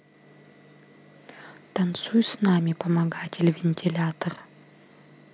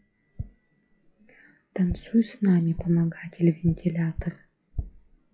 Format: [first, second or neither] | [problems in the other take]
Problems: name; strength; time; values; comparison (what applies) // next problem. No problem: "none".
first | noise reduction (classical method WPE with log-MMSE)